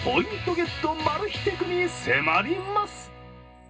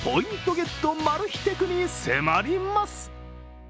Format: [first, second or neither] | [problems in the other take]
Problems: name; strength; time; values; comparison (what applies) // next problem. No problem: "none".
second | room echo; dies away in 0.2 s